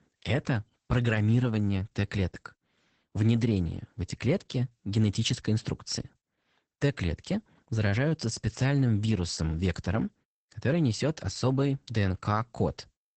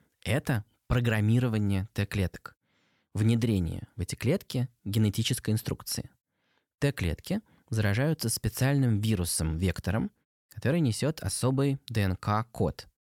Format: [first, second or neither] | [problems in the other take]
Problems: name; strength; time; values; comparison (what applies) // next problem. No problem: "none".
second | garbled, watery; badly; nothing above 8 kHz